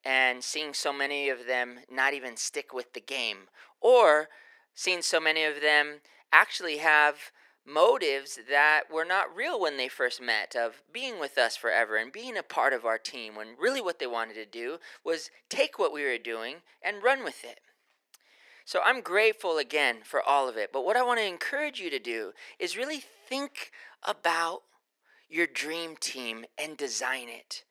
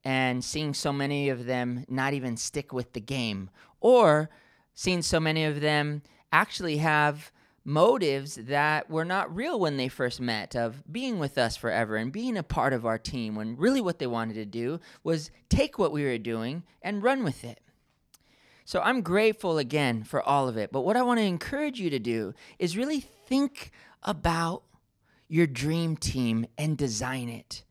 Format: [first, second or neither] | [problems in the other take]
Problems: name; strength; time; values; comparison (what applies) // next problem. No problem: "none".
second | thin; very; fading below 400 Hz